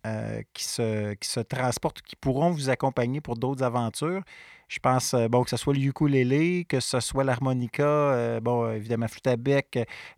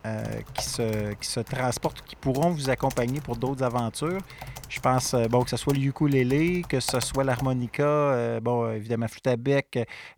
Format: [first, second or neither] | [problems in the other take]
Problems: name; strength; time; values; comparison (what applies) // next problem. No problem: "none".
first | keyboard typing; noticeable; until 7.5 s; peak 8 dB below the speech